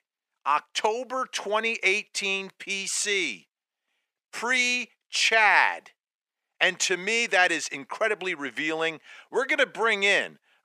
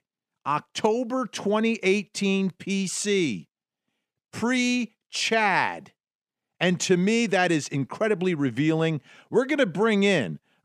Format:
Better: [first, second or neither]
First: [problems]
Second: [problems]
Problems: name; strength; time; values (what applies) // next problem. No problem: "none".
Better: second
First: thin; very; fading below 650 Hz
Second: none